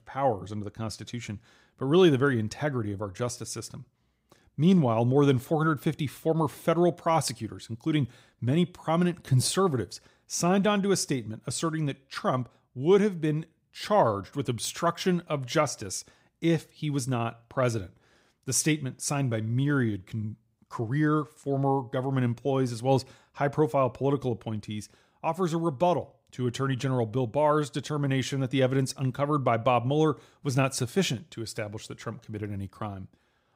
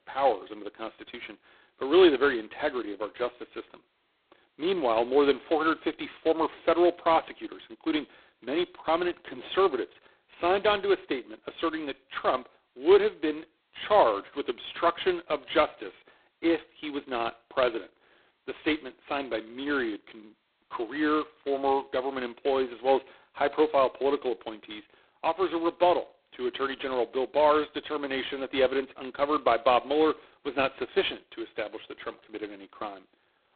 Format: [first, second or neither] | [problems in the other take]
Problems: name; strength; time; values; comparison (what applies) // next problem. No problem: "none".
first | phone-call audio; poor line; nothing above 4 kHz